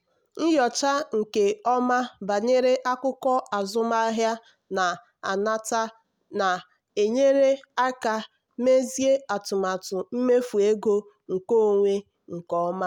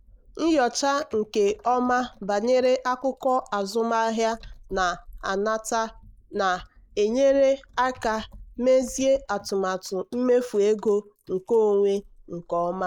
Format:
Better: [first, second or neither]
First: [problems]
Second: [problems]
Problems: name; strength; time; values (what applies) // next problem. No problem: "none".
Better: first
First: none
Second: noise reduction (neural mask model Resemble Enhance denoiser)